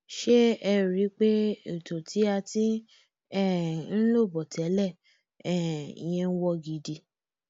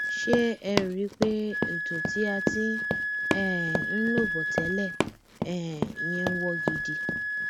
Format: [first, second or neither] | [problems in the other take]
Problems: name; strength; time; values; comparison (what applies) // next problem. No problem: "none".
first | background sound (Wind instrument, woodwind instrument + Run); 1 dB above the speech